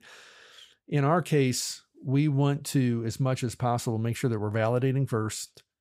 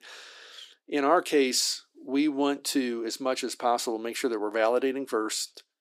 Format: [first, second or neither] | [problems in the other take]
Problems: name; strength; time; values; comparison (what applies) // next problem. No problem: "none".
first | thin; somewhat; fading below 300 Hz